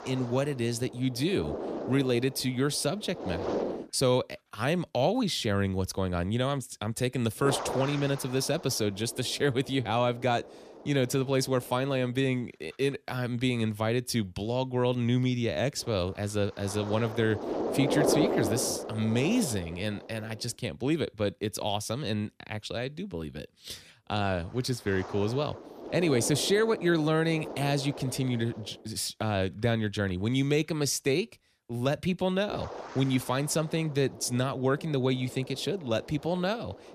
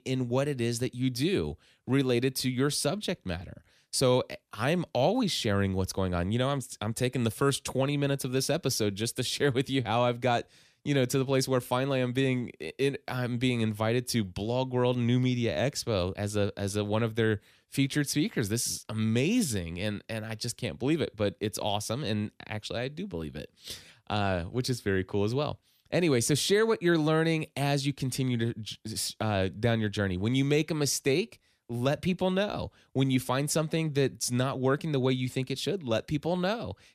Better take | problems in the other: second | wind noise on the microphone; heavy; 7 dB below the speech

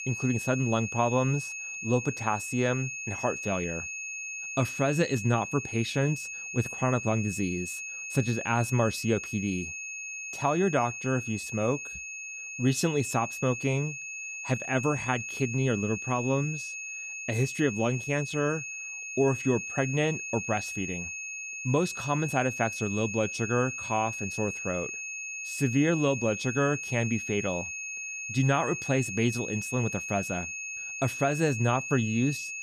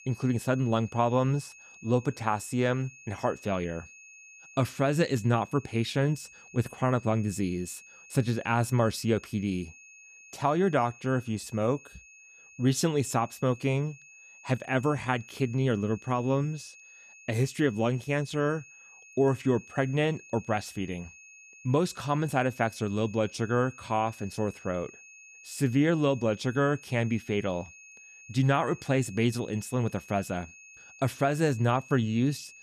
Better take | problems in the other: second | high-pitched whine; loud; throughout; 2.5 kHz, 6 dB below the speech; faint in the second

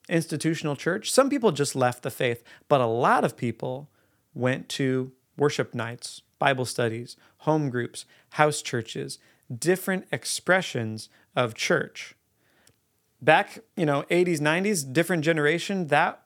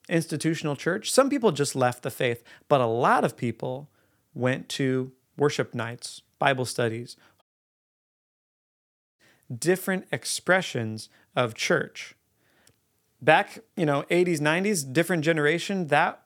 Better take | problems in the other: first | audio cutting out; at 7.5 s for 2 s

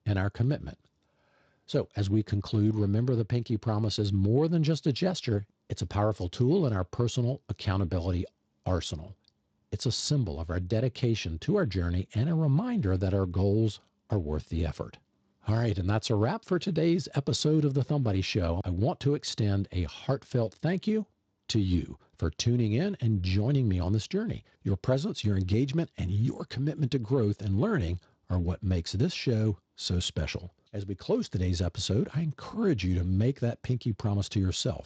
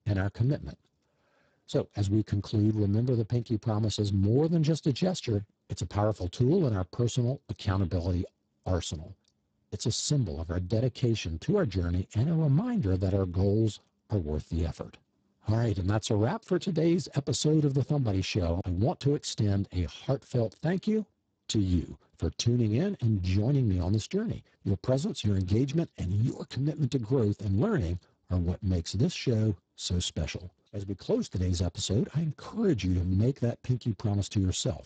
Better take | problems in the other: first | garbled, watery; badly; nothing above 8 kHz; slightly in the first

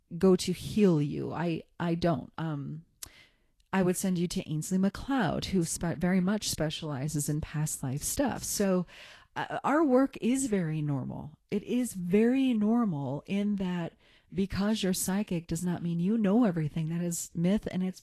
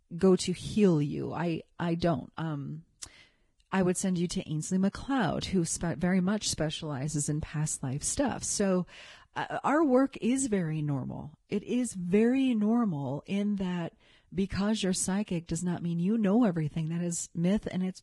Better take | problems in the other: first | garbled, watery; badly; nothing above 10.5 kHz; slightly in the first

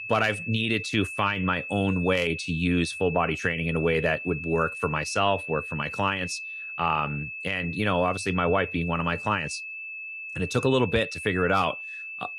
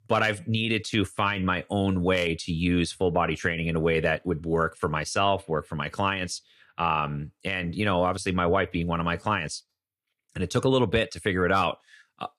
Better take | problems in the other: second | high-pitched whine; loud; throughout; 2.5 kHz, 8 dB below the speech

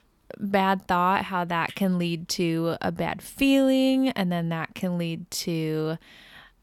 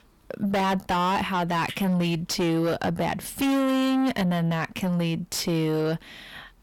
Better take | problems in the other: first | distortion; heavy; 6 dB below the speech

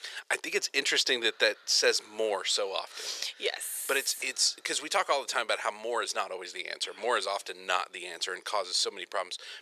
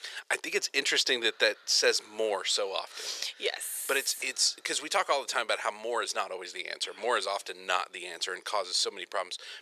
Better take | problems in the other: neither | thin; very; fading below 450 Hz; the same in both

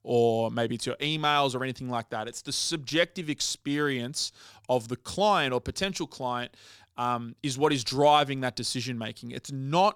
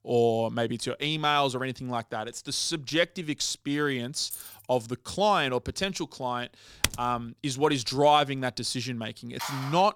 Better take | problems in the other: first | jangling keys; faint; at 4.5 s; peak 10 dB below the speech // keyboard typing; very faint; at 7 s; peak 1 dB below the speech // phone ringing; noticeable; at 9.5 s; peak 7 dB below the speech

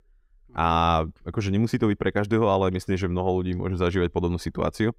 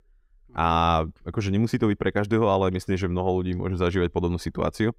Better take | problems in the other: neither | none

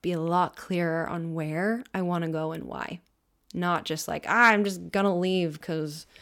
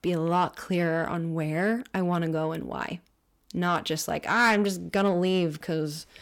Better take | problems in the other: first | distortion; slight; 10 dB below the speech

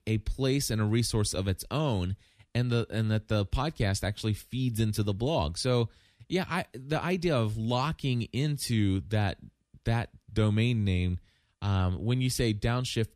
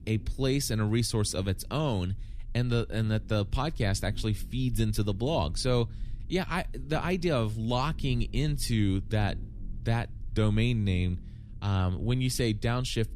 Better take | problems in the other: first | low rumble; faint; throughout; 25 dB below the speech

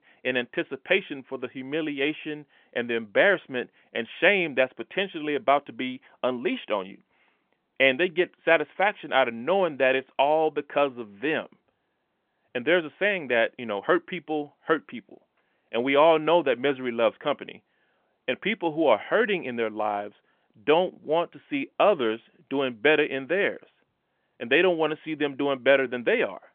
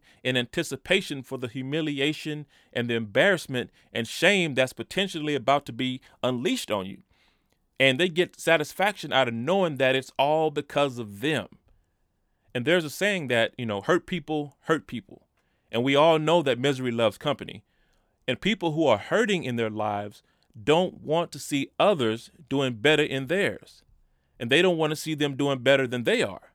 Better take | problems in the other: second | phone-call audio; nothing above 3.5 kHz

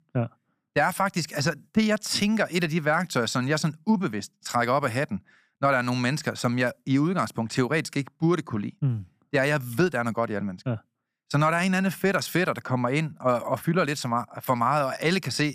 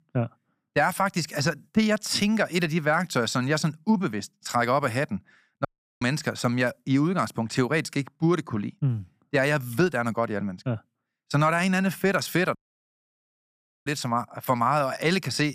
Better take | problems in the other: first | audio cutting out; at 5.5 s and at 13 s for 1.5 s

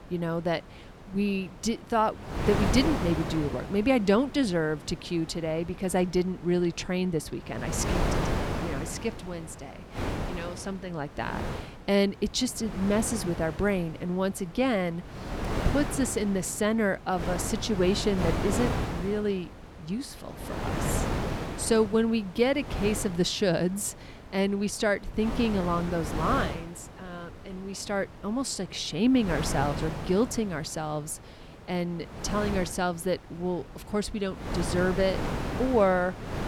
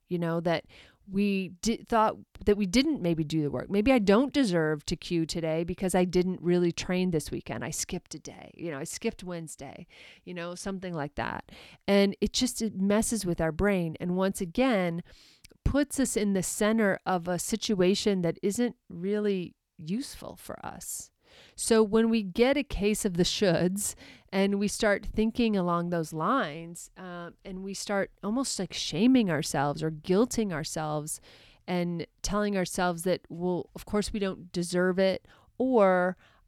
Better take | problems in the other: second | wind noise on the microphone; heavy; 6 dB below the speech

